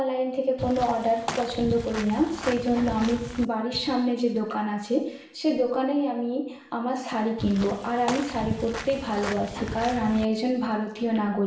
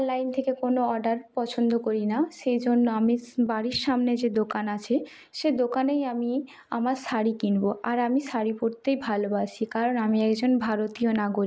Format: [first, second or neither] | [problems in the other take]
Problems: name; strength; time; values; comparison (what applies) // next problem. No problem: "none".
second | background sound (Walk, footsteps / Bird vocalization, bird call, bird song); 9 dB below the speech // room echo; dies away in 0.7 s